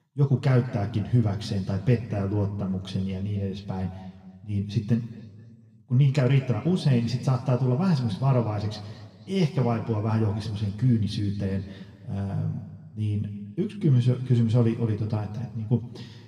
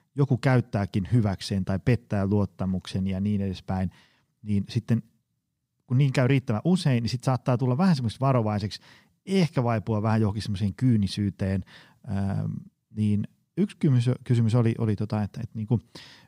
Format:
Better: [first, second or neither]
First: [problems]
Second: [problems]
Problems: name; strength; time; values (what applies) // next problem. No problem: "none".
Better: second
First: room echo; slight; dies away in 1.7 s // off-mic speech; somewhat distant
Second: none